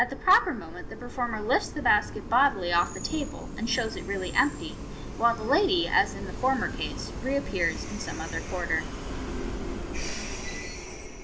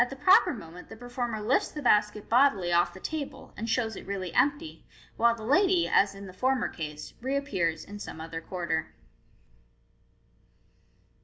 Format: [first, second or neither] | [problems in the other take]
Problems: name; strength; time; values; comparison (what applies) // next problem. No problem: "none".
second | background sound (Train); 7 dB below the speech